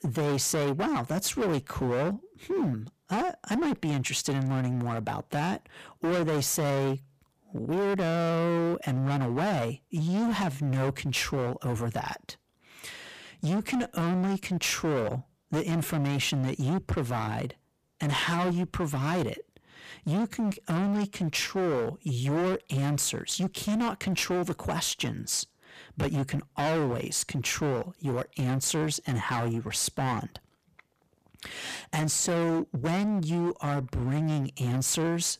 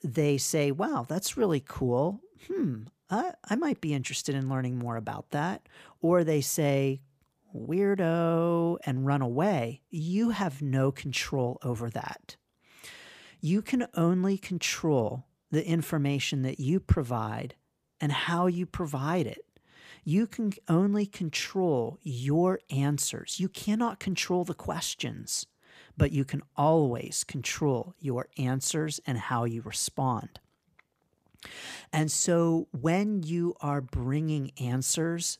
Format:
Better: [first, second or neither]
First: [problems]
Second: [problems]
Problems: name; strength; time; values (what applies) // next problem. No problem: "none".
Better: second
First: distortion; heavy; 24% of the sound clipped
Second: none